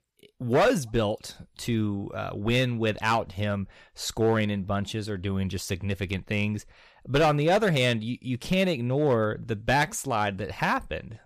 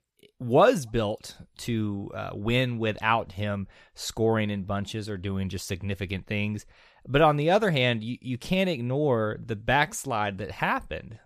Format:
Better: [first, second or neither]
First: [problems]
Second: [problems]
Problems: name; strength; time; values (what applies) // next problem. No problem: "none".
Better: second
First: distortion; slight; 3% of the sound clipped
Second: none